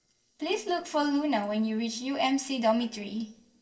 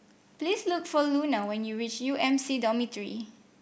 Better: second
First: noise reduction (neural separator model SepFormer DNS4)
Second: none

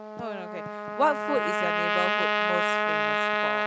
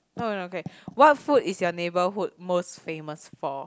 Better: second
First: background sound (Trumpet); 5 dB above the speech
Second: none

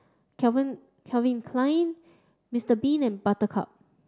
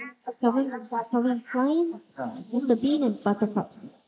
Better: first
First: none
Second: noise reduction (neural mask model Resemble Enhance denoiser)

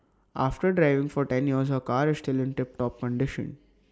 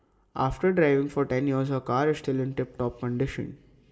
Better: first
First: none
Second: room echo; dies away in 0.3 s

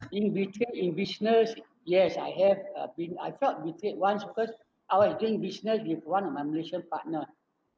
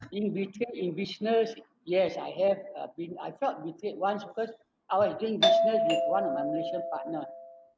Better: first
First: none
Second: background sound (Doorbell); 4 dB above the speech

